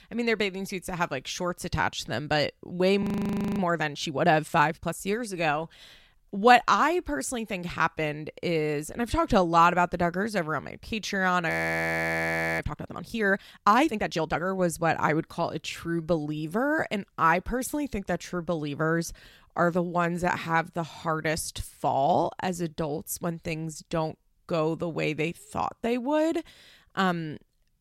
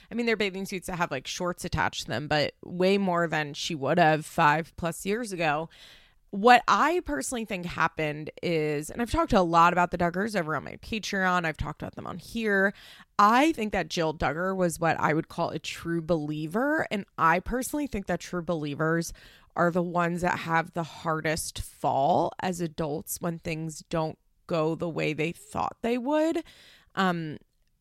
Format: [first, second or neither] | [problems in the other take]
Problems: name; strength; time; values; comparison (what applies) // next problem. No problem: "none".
second | audio freezing; at 3 s for 0.5 s and at 12 s for 1 s